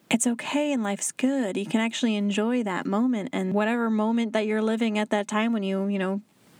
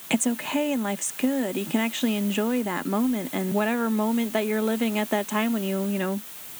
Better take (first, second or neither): first